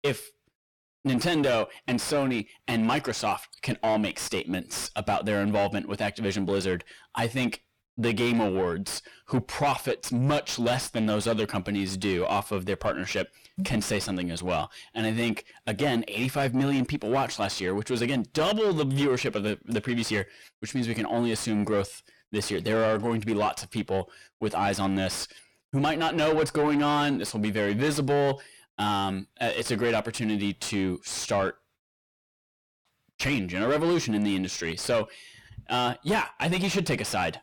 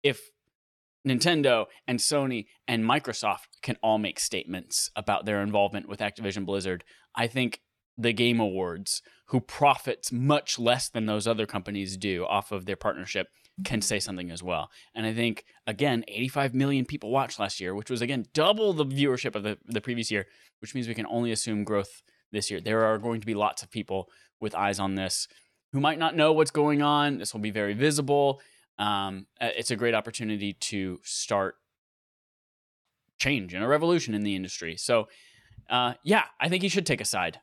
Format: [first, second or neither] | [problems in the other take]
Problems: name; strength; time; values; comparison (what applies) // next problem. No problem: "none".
second | distortion; heavy; 6 dB below the speech